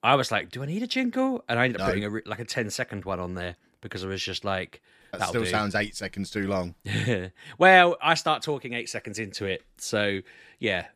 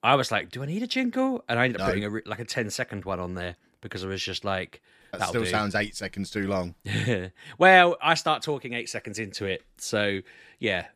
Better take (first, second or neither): neither